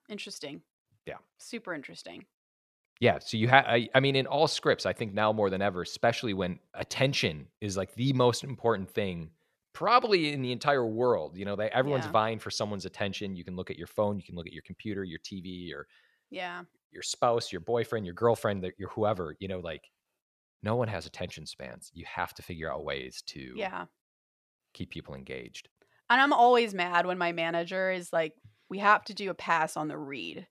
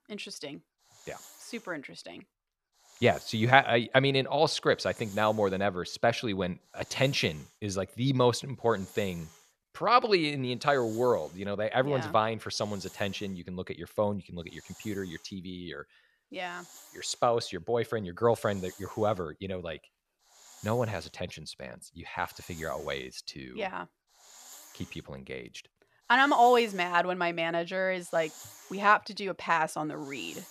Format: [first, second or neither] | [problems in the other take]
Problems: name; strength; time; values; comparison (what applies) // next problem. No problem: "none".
first | hiss; faint; throughout; 25 dB below the speech